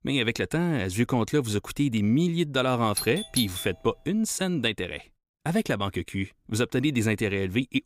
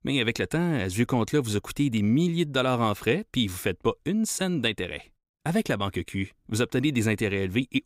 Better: second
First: doorbell; noticeable; at 3 s; peak 5 dB below the speech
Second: none

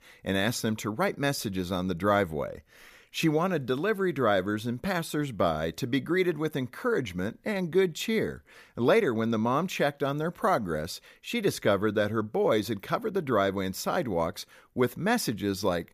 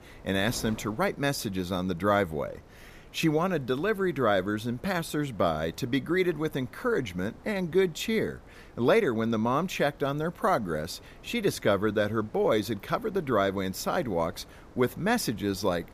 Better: first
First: none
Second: wind noise on the microphone; occasional gusts; 25 dB below the speech

